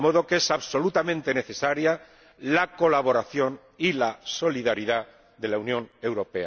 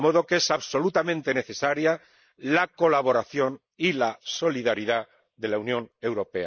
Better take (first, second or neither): first